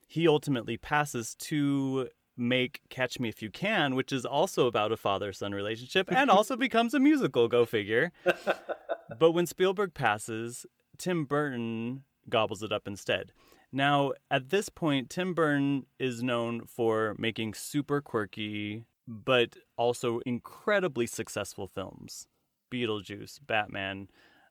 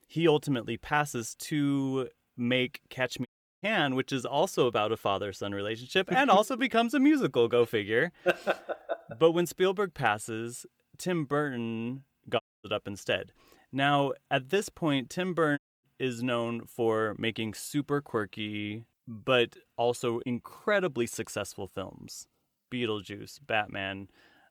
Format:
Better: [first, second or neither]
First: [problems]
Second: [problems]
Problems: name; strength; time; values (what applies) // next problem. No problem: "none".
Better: first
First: none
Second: audio cutting out; at 3.5 s, at 12 s and at 16 s